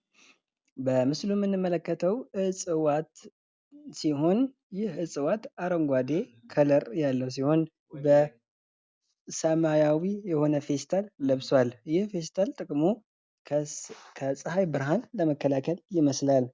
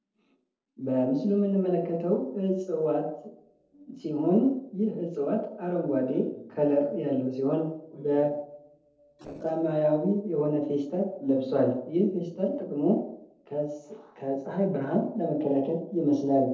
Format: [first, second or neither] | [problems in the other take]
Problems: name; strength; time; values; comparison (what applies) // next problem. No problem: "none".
first | noise reduction (neural separator model SepFormer DNS4)